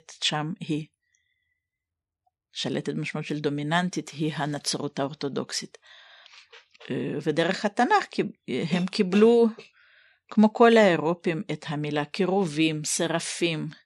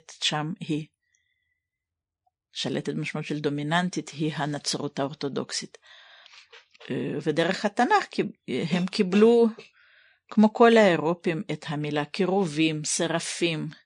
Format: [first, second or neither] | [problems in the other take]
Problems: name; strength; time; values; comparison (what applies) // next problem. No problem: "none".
first | garbled, watery; slightly; nothing above 8 kHz